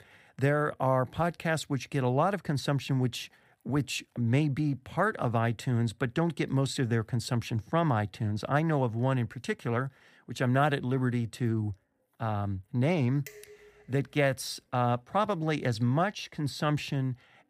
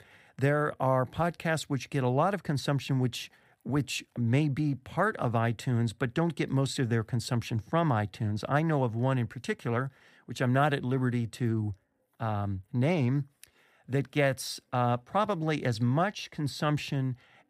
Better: second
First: clattering dishes; faint; at 13 s; peak 20 dB below the speech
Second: none

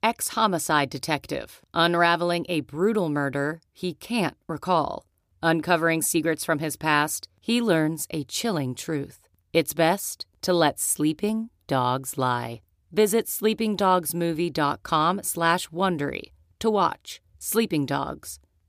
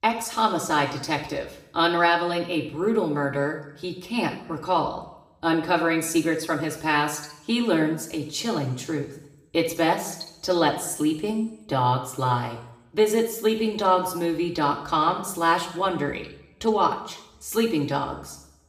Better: first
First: none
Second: room echo; slight; dies away in 0.8 s // off-mic speech; somewhat distant

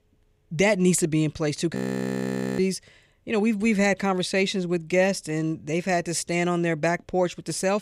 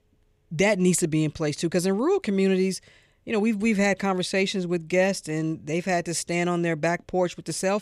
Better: second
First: audio freezing; at 2 s for 1 s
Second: none

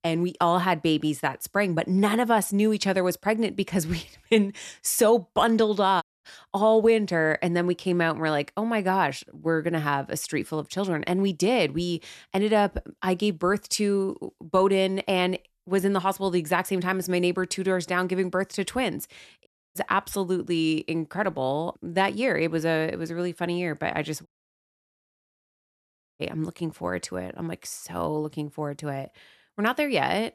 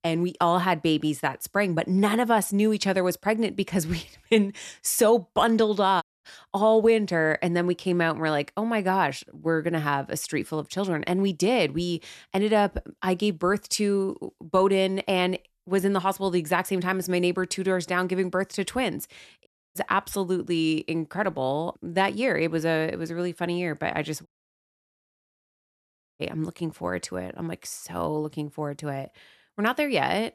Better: neither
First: audio cutting out; at 6 s, at 19 s and at 24 s for 2 s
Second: audio cutting out; at 6 s, at 19 s and at 24 s for 2 s

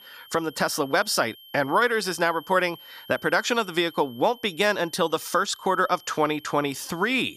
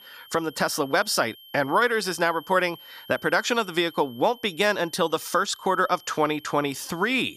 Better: neither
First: high-pitched whine; faint; throughout; 3 kHz, 20 dB below the speech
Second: high-pitched whine; faint; throughout; 3 kHz, 20 dB below the speech

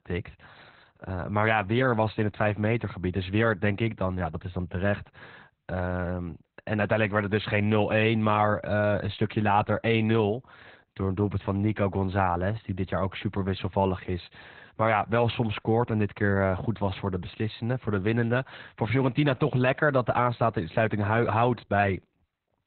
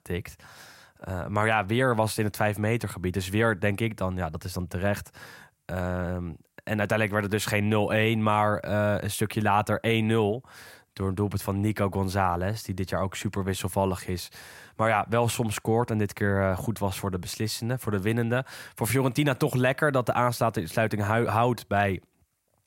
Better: second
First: garbled, watery; badly; nothing above 4 kHz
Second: none

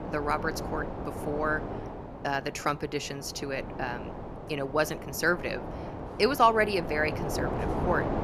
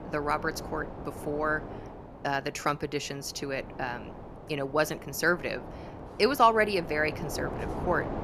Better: second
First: wind noise on the microphone; heavy; 9 dB below the speech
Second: wind noise on the microphone; occasional gusts; 15 dB below the speech

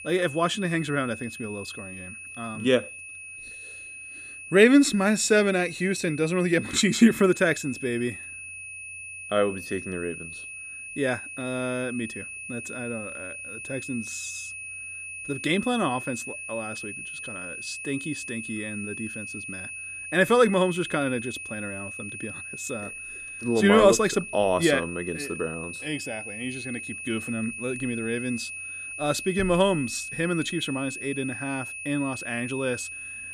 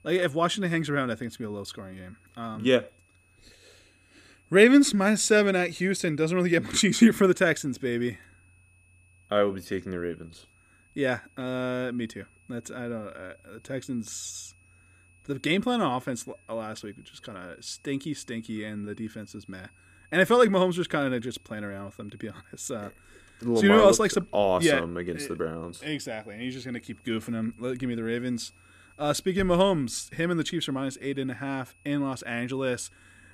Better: second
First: high-pitched whine; loud; throughout; 2.5 kHz, 10 dB below the speech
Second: high-pitched whine; faint; throughout; 2.5 kHz, 35 dB below the speech

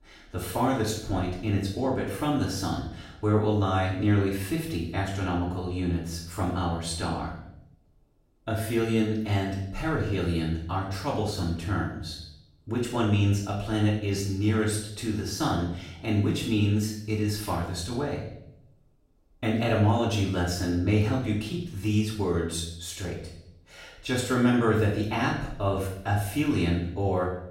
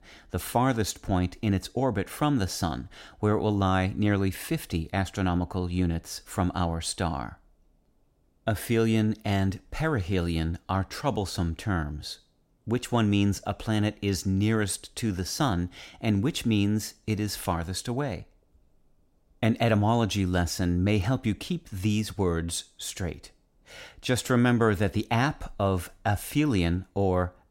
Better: second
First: off-mic speech; far // room echo; noticeable; dies away in 0.6 s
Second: none

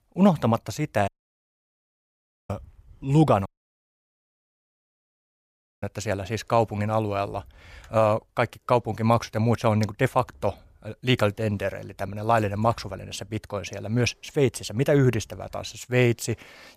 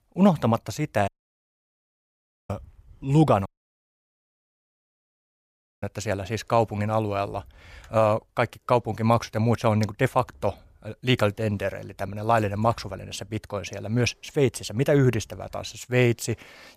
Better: neither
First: audio cutting out; at 1 s for 1.5 s and at 3.5 s for 2.5 s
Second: audio cutting out; at 1 s for 1.5 s and at 3.5 s for 2.5 s

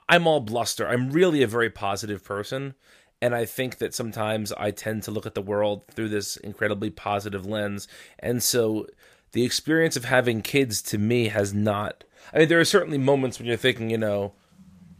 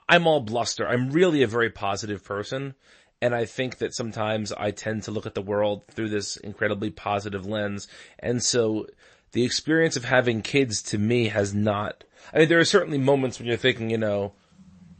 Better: first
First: none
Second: garbled, watery; slightly; nothing above 8 kHz

